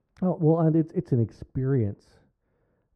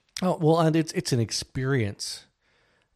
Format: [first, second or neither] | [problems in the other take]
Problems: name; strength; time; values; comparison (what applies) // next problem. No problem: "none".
second | muffled; very; fading above 1 kHz